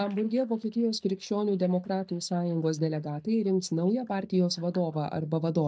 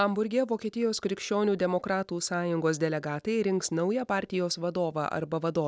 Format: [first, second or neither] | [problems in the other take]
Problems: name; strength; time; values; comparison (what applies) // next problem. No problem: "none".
second | noise reduction (neural mask model DeepFilterNet 3)